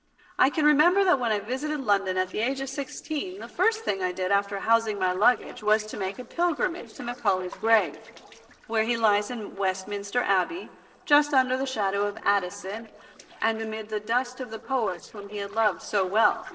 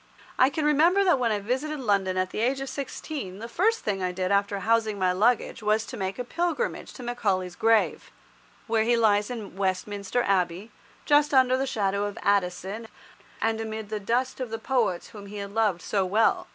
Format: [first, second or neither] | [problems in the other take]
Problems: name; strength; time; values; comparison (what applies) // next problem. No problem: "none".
second | noise reduction (neural separator model SepFormer DNS4)